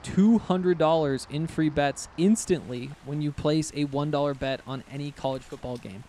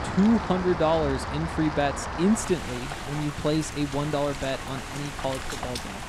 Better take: first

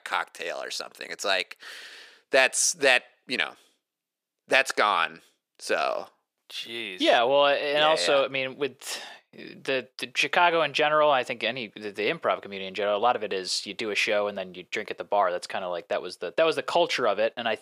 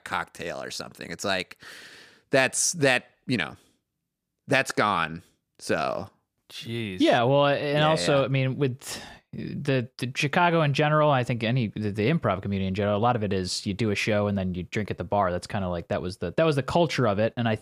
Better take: second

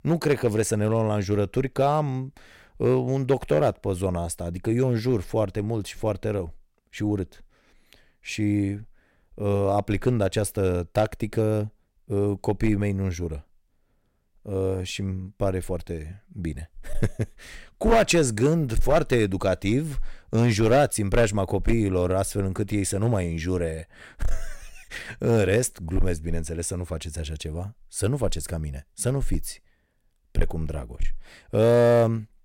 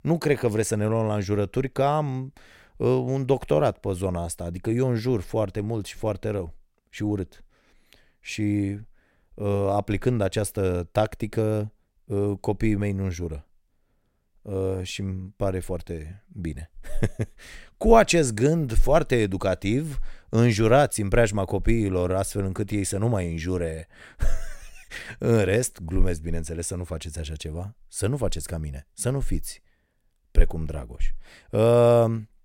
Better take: second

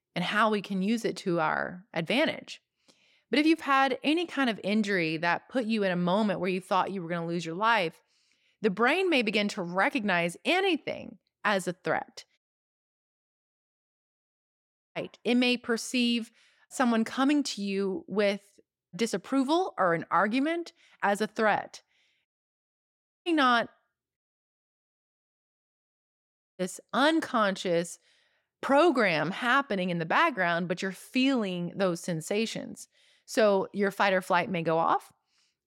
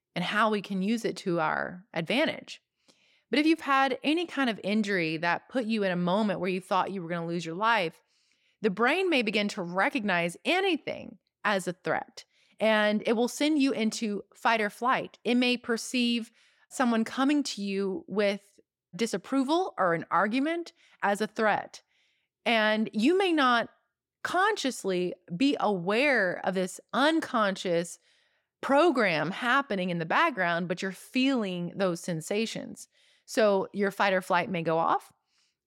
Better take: second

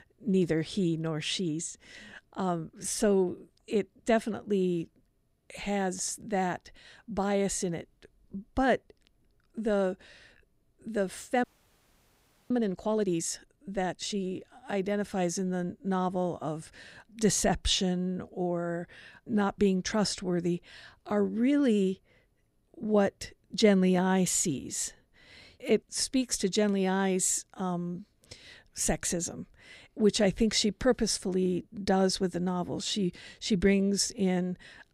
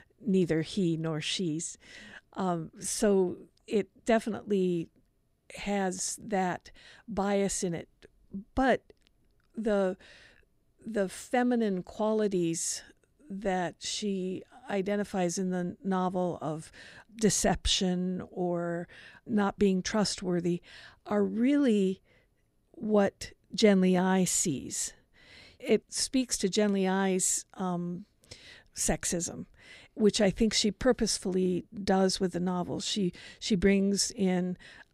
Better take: second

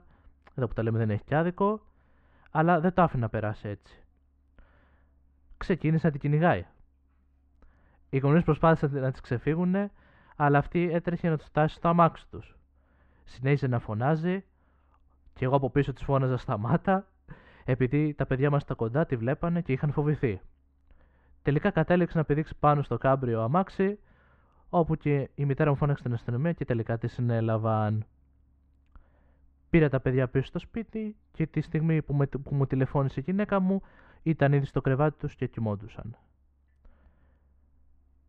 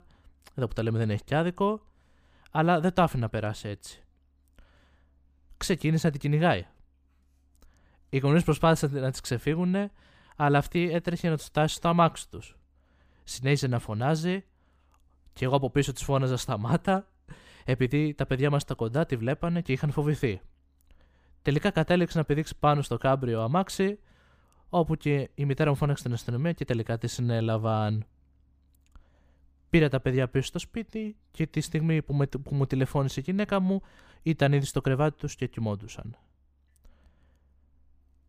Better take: second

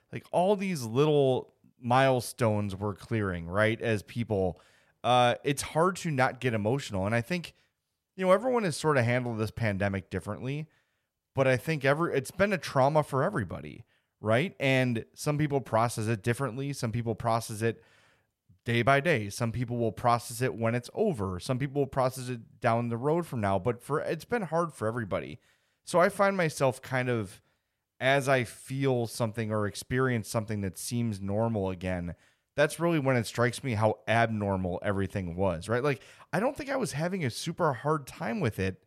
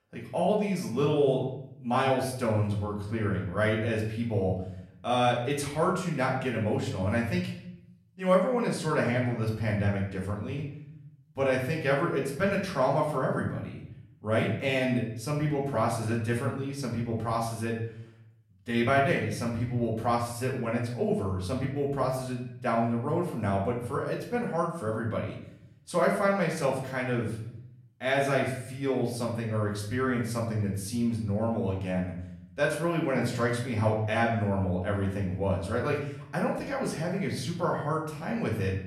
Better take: first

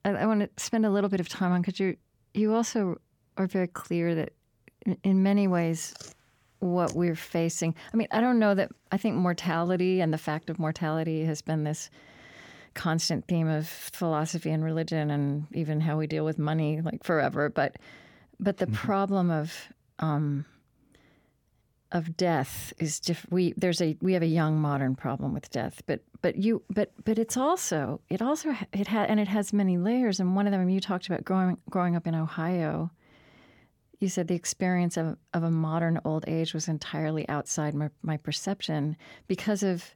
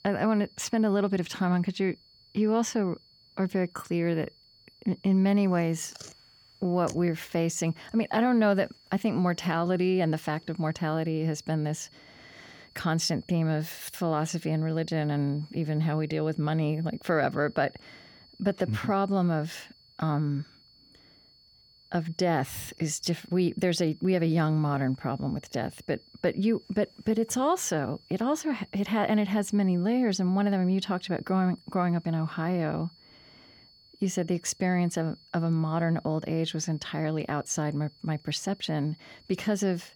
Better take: first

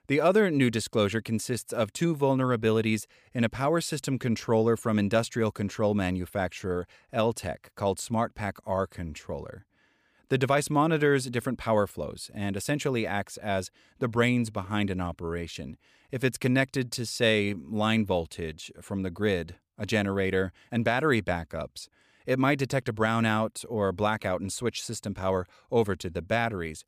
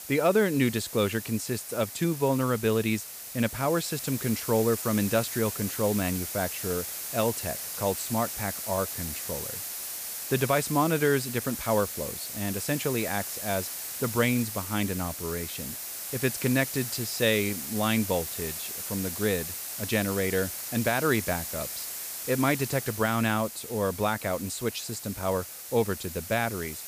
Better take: first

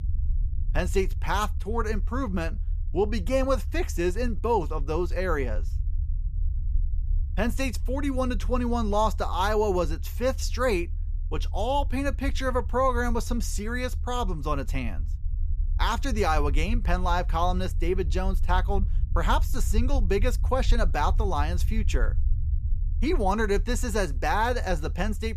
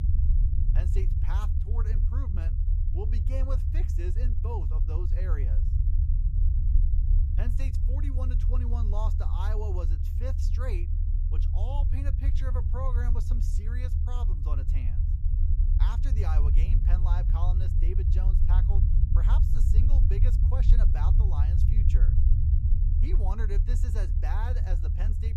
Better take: first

